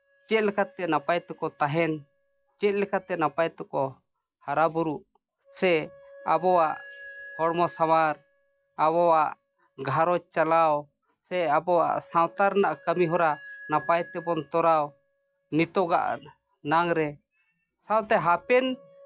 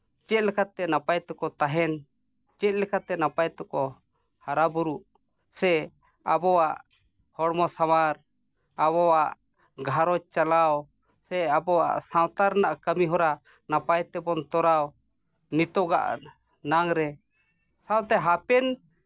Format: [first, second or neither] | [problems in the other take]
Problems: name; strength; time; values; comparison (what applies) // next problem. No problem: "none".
second | noise reduction (classical method log-MMSE)